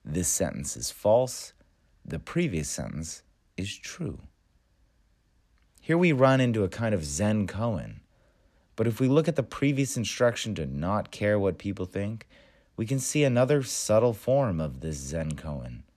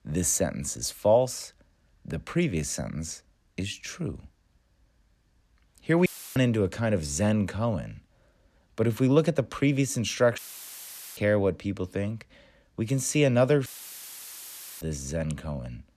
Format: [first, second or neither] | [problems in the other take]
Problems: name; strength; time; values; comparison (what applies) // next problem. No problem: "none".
first | audio cutting out; filled with static; at 6 s, at 10 s for 1 s and at 14 s for 1 s